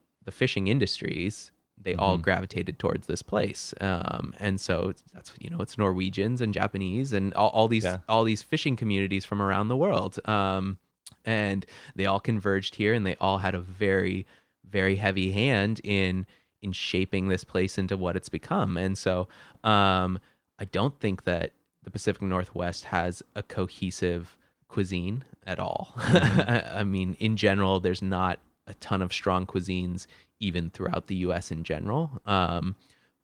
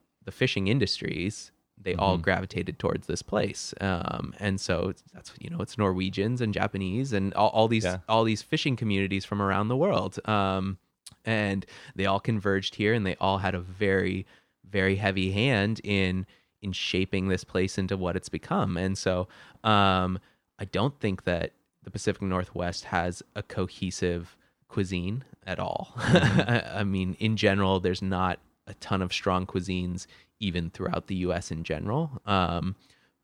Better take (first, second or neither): second